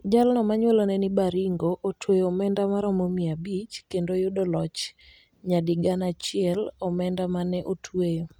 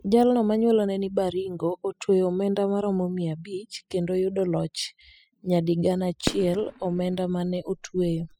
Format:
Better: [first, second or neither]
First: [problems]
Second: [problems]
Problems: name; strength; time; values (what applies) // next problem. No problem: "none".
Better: first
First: none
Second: noise reduction (classical method spectral subtraction)